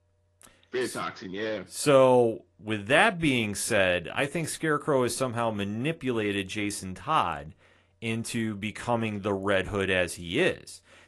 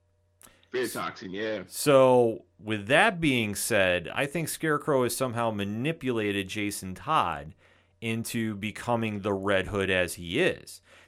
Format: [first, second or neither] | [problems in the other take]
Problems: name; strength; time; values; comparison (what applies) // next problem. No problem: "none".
second | garbled, watery; slightly; nothing above 11.5 kHz